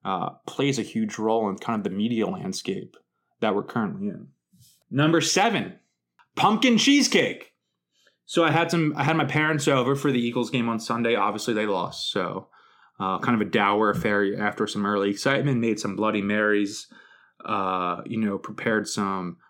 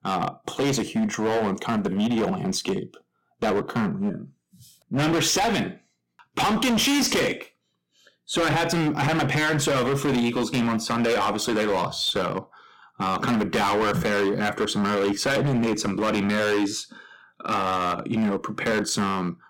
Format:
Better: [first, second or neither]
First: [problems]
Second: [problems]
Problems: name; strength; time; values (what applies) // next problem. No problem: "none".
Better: first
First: none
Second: distortion; heavy; 19% of the sound clipped